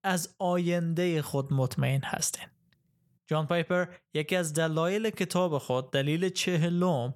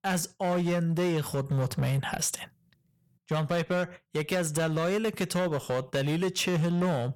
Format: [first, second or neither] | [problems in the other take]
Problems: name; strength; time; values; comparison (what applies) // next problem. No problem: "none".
first | distortion; slight; 15% of the sound clipped